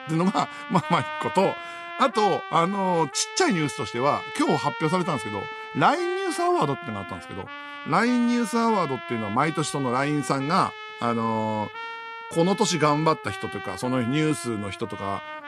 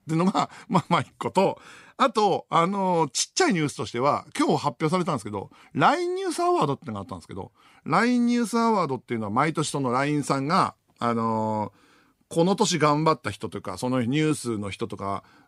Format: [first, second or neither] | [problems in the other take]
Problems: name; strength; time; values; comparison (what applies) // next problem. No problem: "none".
second | background music; noticeable; throughout; 10 dB below the speech